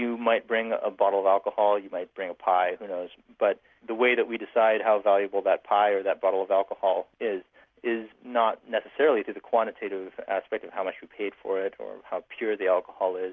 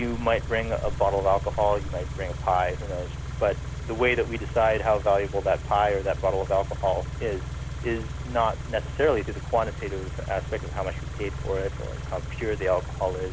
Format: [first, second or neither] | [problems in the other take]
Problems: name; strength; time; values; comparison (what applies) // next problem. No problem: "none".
first | background sound (Idling / Car); 6 dB below the speech